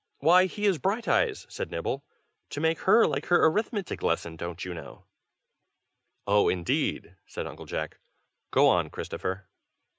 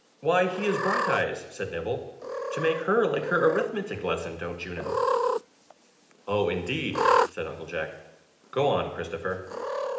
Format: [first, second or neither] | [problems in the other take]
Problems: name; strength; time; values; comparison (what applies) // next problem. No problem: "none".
first | background sound (Cat); 2 dB below the speech // room echo; dies away in 0.8 s